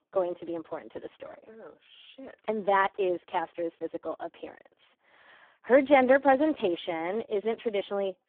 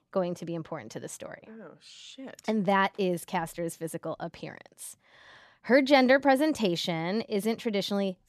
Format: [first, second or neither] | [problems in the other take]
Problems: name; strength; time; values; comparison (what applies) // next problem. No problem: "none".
second | phone-call audio; poor line; nothing above 3.5 kHz